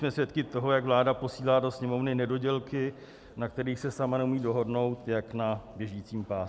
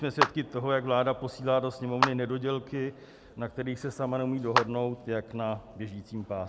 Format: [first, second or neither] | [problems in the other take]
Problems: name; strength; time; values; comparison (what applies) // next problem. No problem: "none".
first | background sound (Clapping); 3 dB below the speech